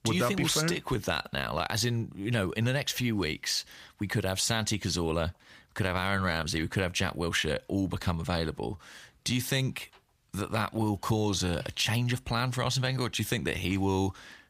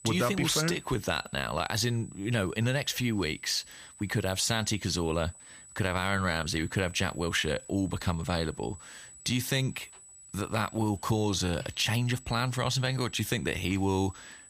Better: first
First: none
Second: high-pitched whine; noticeable; throughout; 8 kHz, 20 dB below the speech

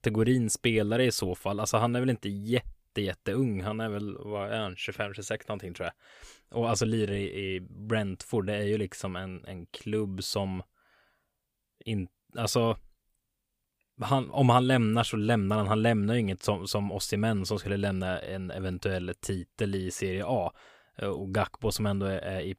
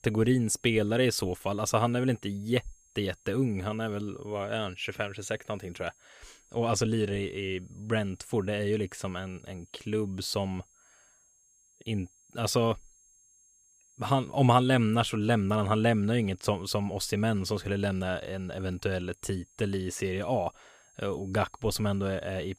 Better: first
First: none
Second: high-pitched whine; faint; throughout; 6.5 kHz, 30 dB below the speech

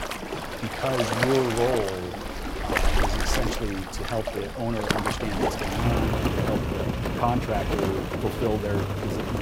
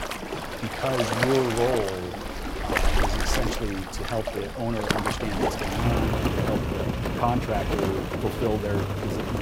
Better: neither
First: rain or running water; very loud; throughout; 1 dB above the speech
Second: rain or running water; very loud; throughout; 1 dB above the speech

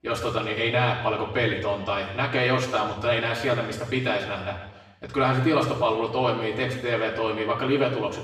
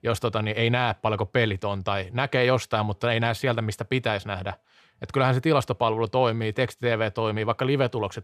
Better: second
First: room echo; noticeable; dies away in 1 s // off-mic speech; far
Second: none

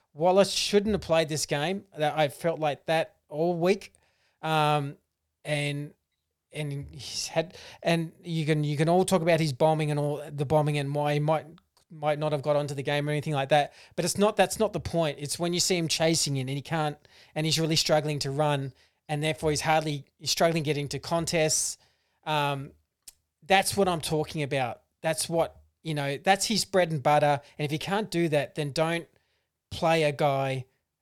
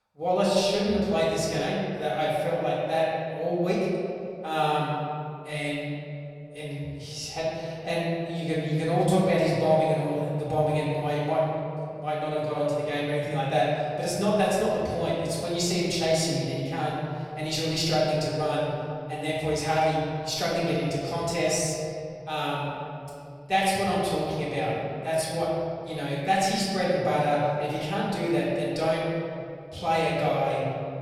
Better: first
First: none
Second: off-mic speech; far // room echo; noticeable; dies away in 2.4 s

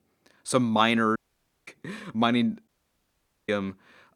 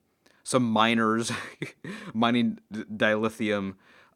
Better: second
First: audio cutting out; at 1 s for 0.5 s and at 2.5 s for 1 s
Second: none

